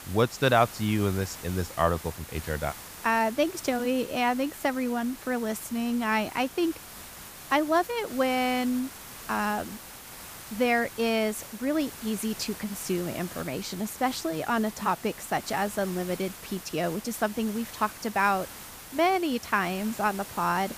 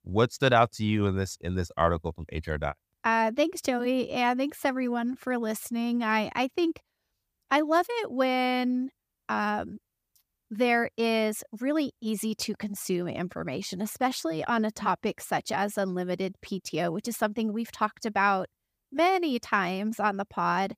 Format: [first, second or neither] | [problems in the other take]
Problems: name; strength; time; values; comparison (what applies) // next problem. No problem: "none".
second | hiss; noticeable; throughout; 15 dB below the speech